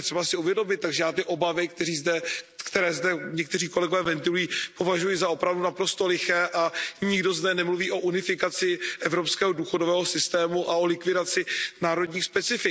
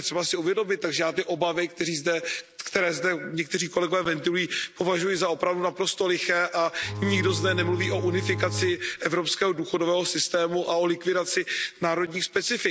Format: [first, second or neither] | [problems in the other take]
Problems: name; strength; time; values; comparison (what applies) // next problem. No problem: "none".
first | background sound (Bowed string instrument); 5 dB below the speech